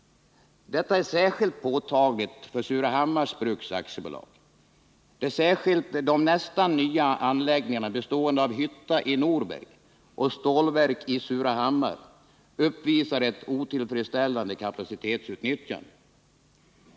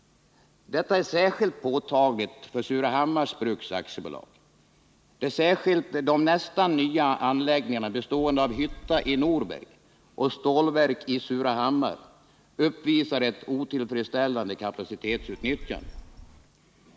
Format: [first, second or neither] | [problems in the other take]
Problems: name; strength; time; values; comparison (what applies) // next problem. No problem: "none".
first | background sound (Telephone); 16 dB below the speech